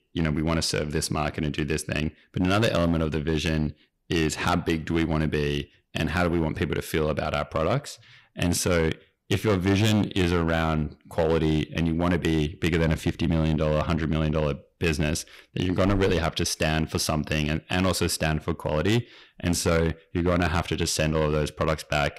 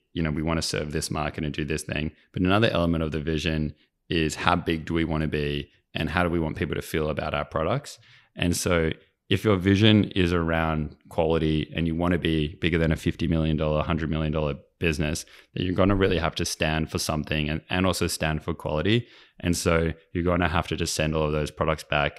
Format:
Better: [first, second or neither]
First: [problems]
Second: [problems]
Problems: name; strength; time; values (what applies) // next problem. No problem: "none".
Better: second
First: distortion; slight; 6% of the sound clipped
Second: none